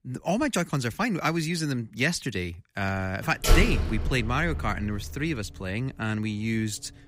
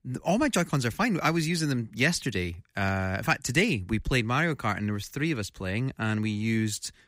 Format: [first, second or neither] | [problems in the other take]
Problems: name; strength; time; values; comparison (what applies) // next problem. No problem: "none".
second | door banging; loud; from 3.5 to 4.5 s; peak 4 dB above the speech